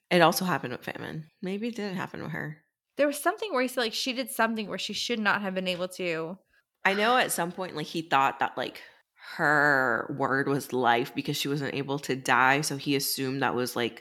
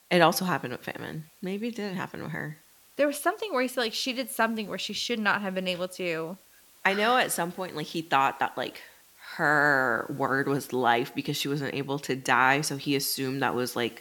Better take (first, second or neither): first